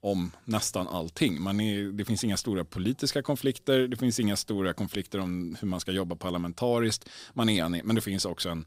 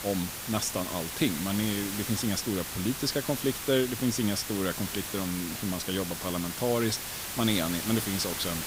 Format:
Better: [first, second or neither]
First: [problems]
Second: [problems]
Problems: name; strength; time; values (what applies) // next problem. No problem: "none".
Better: first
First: none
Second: hiss; loud; throughout; 4 dB below the speech